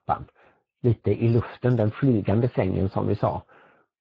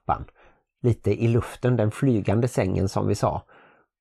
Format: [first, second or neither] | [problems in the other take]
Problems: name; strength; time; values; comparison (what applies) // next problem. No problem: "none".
second | garbled, watery; badly